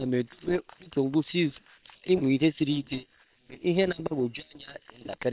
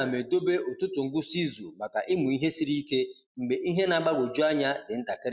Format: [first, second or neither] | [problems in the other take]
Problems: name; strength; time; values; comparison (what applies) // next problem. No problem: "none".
second | noise reduction (neural separator model SepFormer WHAM!)